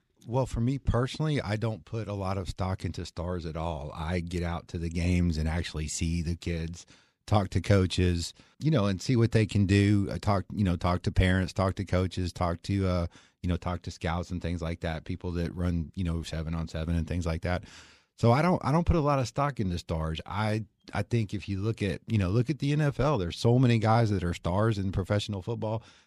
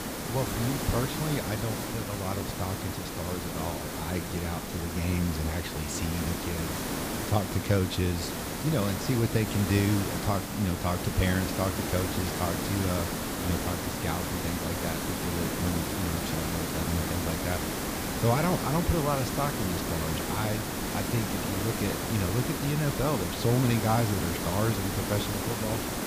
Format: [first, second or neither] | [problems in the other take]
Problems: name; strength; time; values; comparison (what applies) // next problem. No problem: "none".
first | hiss; loud; throughout; 1 dB below the speech